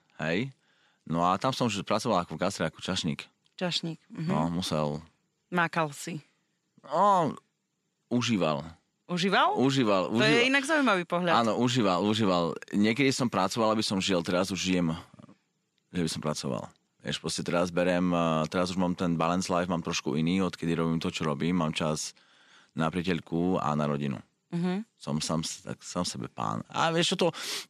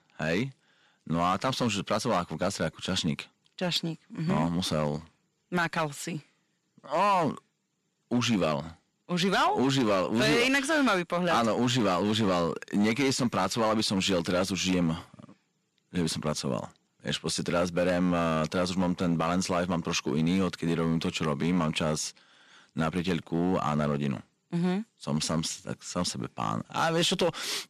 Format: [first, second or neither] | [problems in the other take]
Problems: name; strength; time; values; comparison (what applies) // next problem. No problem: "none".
first | distortion; slight; 5% of the sound clipped